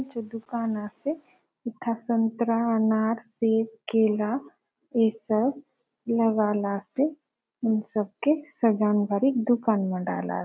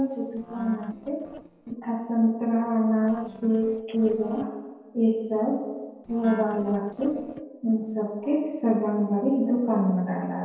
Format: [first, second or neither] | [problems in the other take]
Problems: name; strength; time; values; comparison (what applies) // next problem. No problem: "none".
first | noise reduction (neural separator model SepFormer DNS4)